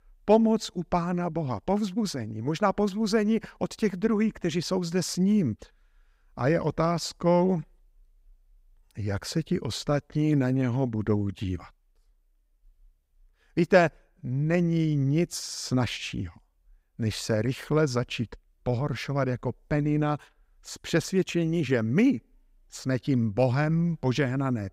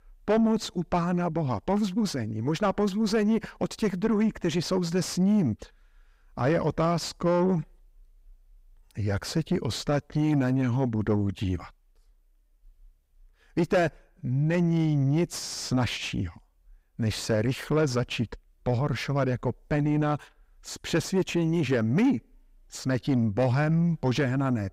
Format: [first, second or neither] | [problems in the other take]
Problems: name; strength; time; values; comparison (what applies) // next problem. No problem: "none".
first | distortion; slight; 10 dB below the speech